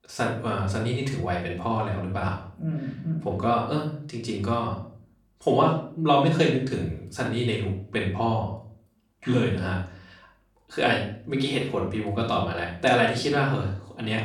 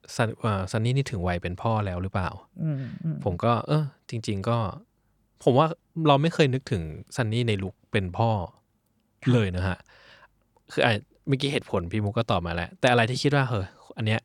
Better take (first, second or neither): second